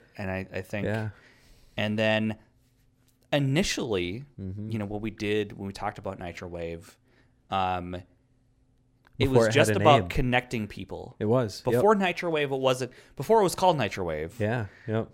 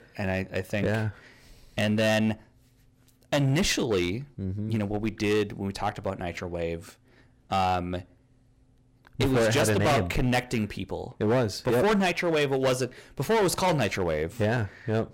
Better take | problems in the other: first | distortion; heavy; 10% of the sound clipped

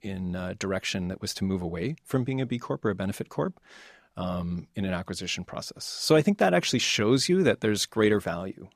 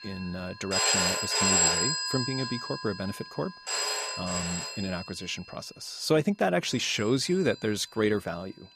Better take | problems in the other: first | alarms or sirens; very loud; throughout; 4 dB above the speech

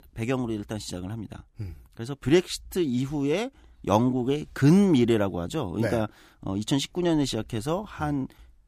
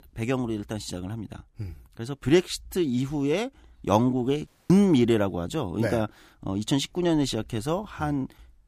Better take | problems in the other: first | audio cutting out; at 4.5 s

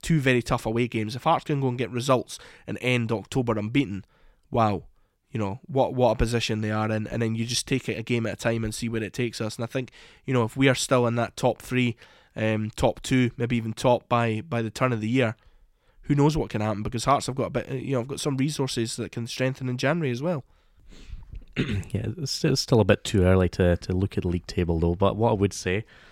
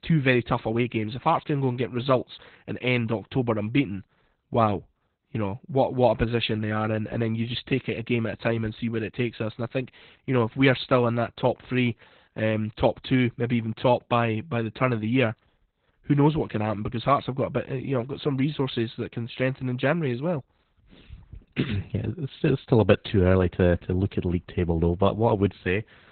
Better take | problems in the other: first | garbled, watery; badly; nothing above 4 kHz

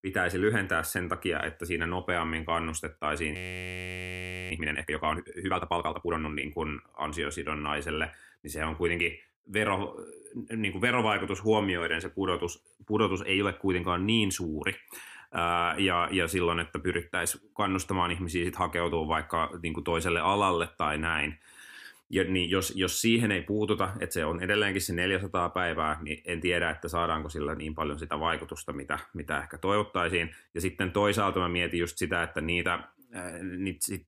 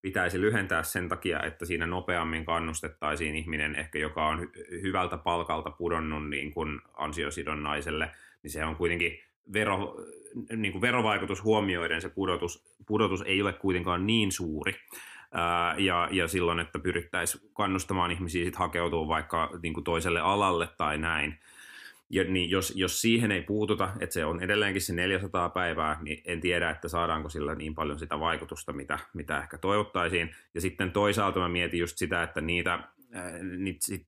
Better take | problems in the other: second | audio freezing; at 3.5 s for 1 s

